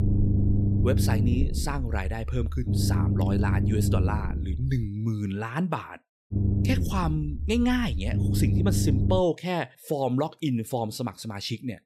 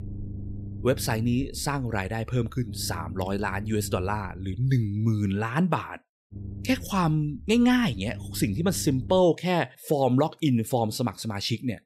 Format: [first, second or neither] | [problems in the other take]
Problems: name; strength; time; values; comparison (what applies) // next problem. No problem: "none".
second | low rumble; loud; until 5 s and from 6.5 to 9 s; 5 dB below the speech; faint in the second